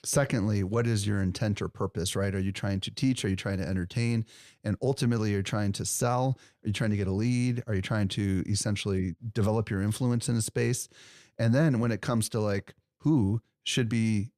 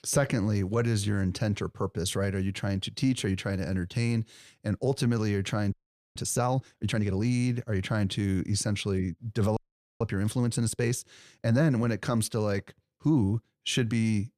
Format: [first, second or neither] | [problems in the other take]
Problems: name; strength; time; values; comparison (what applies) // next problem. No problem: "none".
first | audio freezing; at 5.5 s and at 9.5 s